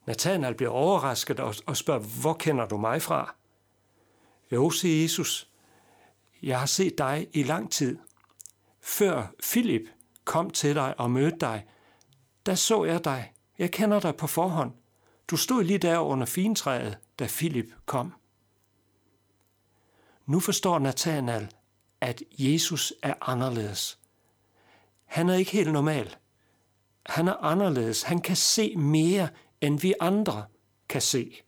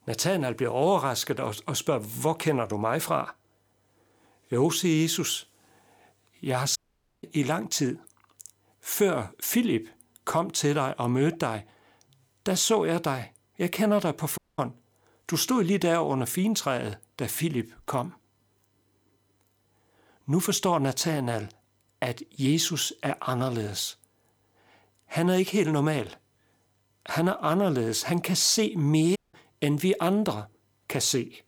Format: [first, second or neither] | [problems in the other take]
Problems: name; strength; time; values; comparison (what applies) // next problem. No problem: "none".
first | audio cutting out; at 7 s, at 14 s and at 29 s